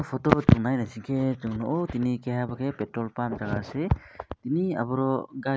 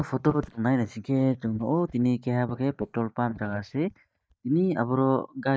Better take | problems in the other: first | noise reduction (neural mask model DeepFilterNet 3)

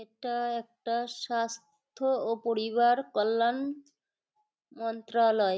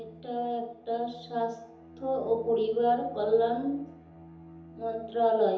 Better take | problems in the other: first | background sound (Bowed string instrument); 19 dB below the speech // room echo; dies away in 0.8 s

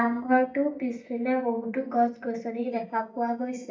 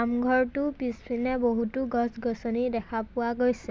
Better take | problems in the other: second | noise reduction (neural mask model DeepFilterNet 3)

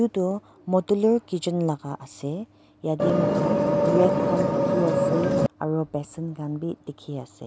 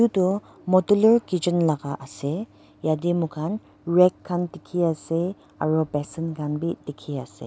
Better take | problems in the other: second | background sound (Vehicle); 5 dB above the speech

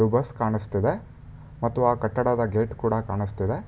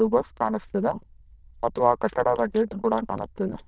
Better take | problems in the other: first | noise reduction (neural diffusion model UNIVERSE++)

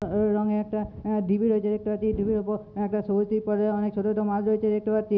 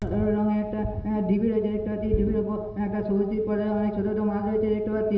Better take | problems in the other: first | room echo; dies away in 0.8 s

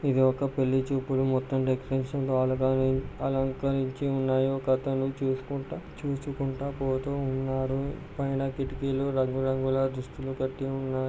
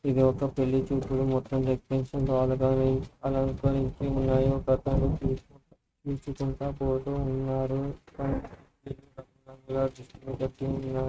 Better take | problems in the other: first | noise reduction (neural mask model RNNoise)

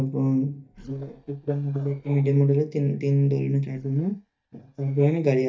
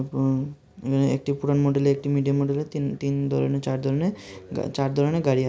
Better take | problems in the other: second | noise reduction (neural mask model DeepFilterNet 3)

